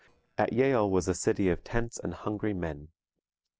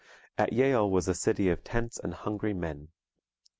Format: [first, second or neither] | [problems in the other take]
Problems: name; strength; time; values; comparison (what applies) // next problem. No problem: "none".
second | noise reduction (neural separator model SepFormer DNS4)